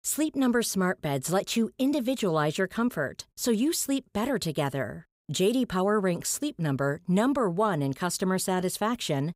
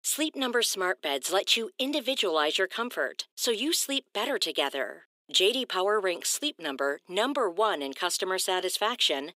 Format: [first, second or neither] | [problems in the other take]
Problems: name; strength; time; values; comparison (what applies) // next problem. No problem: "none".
first | thin; somewhat; fading below 300 Hz